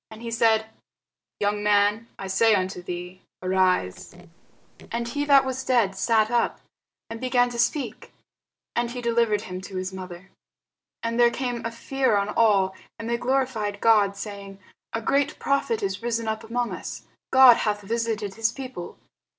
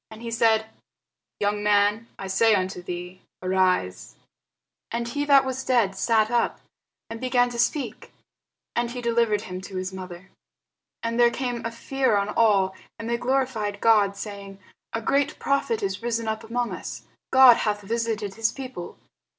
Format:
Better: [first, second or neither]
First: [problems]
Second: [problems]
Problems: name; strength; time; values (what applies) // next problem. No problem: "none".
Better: second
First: noise reduction (neural separator model SepFormer DNS4)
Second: none